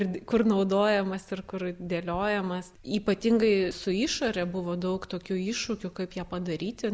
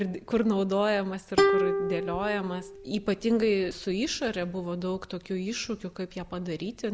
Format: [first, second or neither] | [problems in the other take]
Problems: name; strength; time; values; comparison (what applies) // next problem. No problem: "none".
first | background sound (Plucked string instrument); as loud as the speech